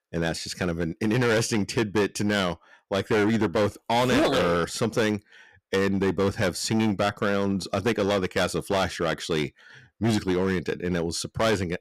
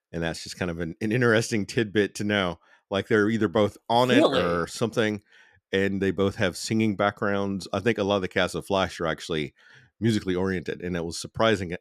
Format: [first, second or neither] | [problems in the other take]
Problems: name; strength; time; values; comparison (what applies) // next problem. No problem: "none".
second | distortion; heavy; 12% of the sound clipped